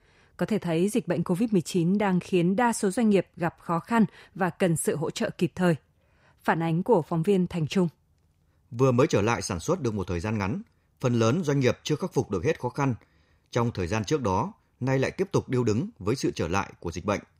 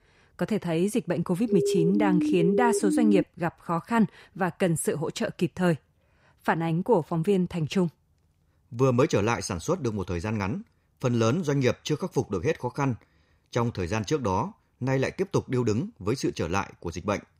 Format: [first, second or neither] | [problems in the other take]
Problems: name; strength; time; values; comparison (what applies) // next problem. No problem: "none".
first | siren; loud; from 1.5 to 3 s; peak 1 dB above the speech